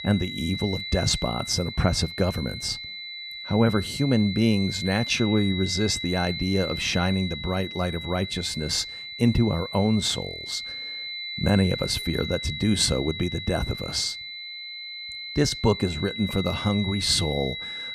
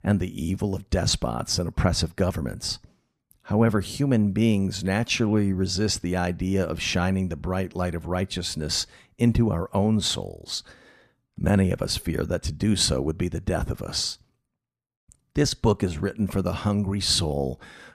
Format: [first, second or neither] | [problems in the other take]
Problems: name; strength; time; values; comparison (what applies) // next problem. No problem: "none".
second | high-pitched whine; loud; throughout; 4 kHz, 7 dB below the speech